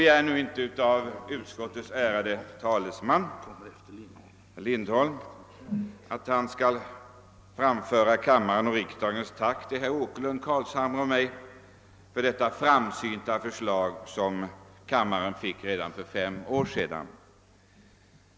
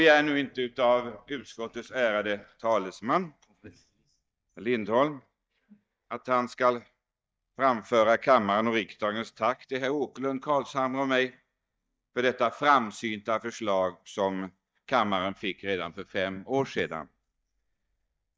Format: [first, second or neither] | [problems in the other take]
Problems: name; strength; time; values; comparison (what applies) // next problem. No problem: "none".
first | noise reduction (neural mask model DeepFilterNet 3)